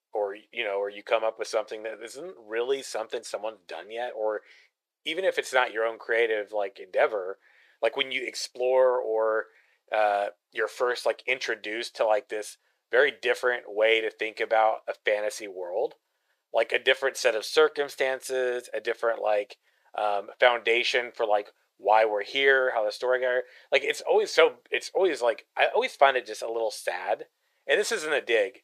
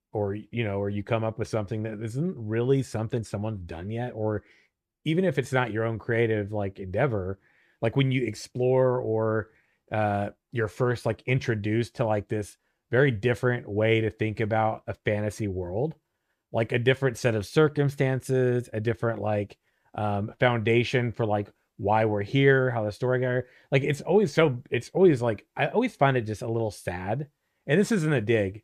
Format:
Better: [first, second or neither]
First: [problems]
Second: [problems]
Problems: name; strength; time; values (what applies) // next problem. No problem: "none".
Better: second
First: thin; very; fading below 500 Hz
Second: none